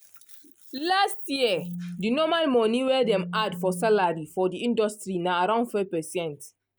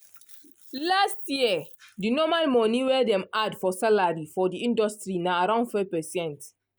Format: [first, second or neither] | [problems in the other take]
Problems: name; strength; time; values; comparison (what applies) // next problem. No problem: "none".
second | background sound (Telephone); 13 dB below the speech